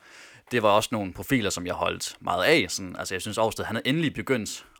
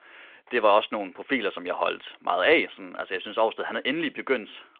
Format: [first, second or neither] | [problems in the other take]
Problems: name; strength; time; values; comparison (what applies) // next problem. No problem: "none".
first | phone-call audio